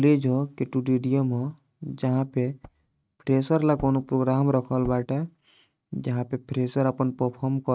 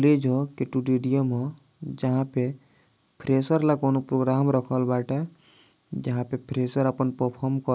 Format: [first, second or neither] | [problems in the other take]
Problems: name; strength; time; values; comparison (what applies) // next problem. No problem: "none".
second | noise reduction (neural mask model RNNoise)